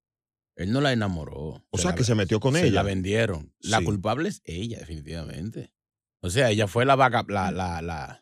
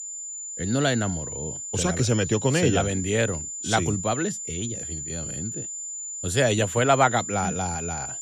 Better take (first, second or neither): first